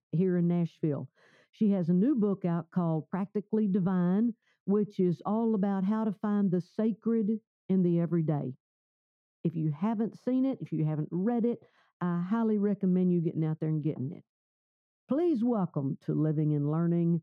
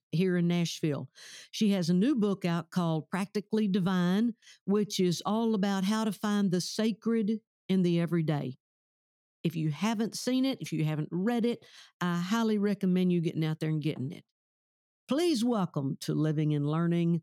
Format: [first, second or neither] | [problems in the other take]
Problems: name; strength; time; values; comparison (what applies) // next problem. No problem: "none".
second | muffled; very; fading above 2.5 kHz